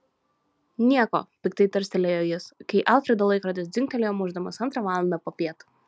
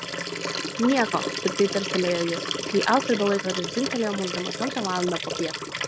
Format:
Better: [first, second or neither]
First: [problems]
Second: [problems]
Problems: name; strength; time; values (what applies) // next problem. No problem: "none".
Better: first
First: none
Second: background sound (Liquid); 4 dB below the speech